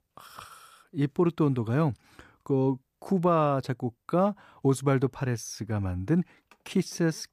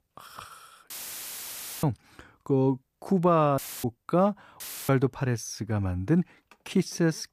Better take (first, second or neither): first